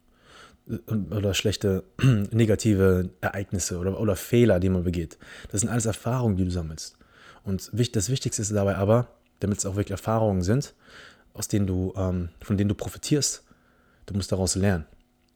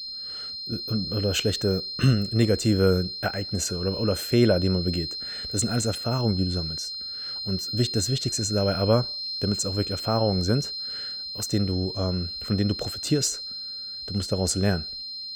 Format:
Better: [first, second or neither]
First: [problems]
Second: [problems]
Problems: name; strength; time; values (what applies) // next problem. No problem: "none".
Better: first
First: none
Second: high-pitched whine; loud; throughout; 4 kHz, 5 dB below the speech